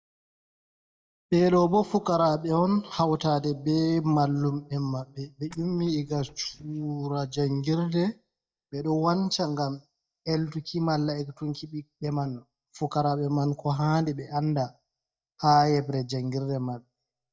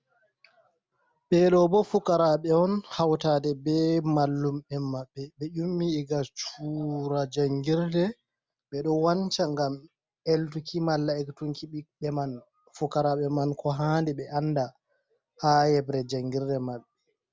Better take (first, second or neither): second